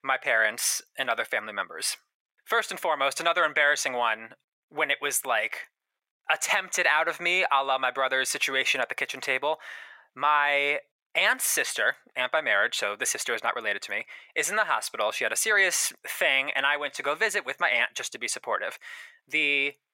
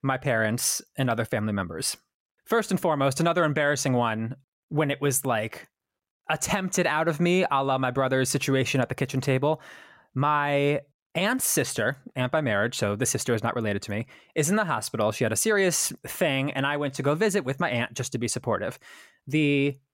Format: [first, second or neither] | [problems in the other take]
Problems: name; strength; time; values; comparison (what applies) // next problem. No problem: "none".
second | thin; very; fading below 700 Hz